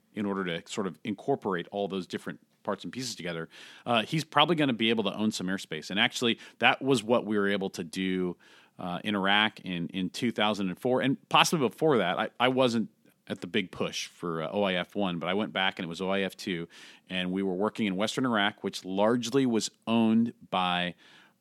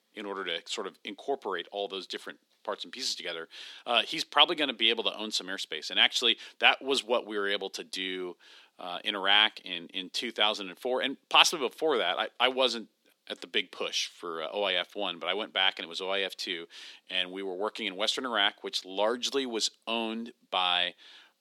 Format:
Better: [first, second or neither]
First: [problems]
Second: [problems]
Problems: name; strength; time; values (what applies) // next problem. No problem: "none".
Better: first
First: none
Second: thin; somewhat; fading below 350 Hz